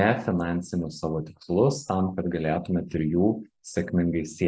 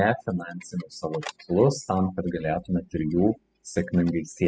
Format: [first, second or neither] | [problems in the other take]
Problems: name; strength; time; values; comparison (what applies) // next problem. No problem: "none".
first | noise reduction (classical method spectral subtraction)